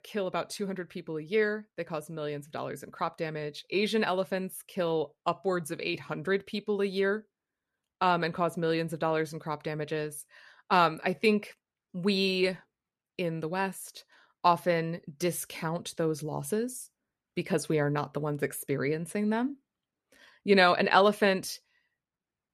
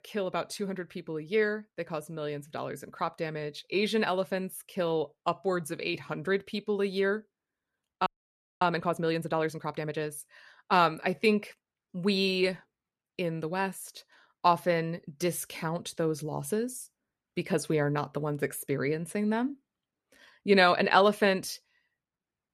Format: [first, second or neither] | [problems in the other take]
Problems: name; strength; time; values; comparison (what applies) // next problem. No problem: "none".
first | audio freezing; at 8 s for 0.5 s